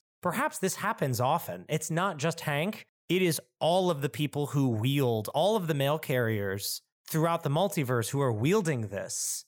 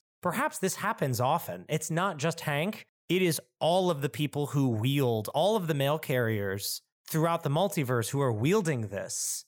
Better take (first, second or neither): neither